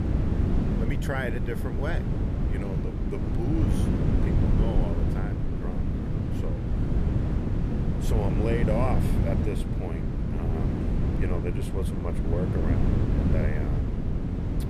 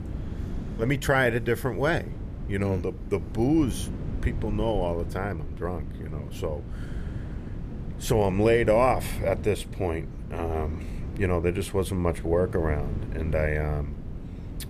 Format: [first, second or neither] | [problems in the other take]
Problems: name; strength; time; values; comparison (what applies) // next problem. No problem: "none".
second | wind noise on the microphone; heavy; as loud as the speech; occasional gusts in the second